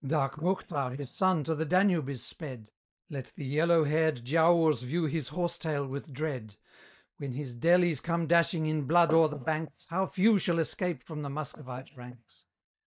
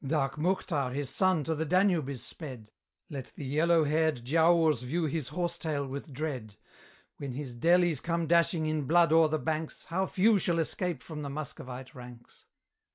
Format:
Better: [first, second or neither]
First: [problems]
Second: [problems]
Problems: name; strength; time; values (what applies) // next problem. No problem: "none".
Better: second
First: noise reduction (neural mask model DeepFilterNet 3)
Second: none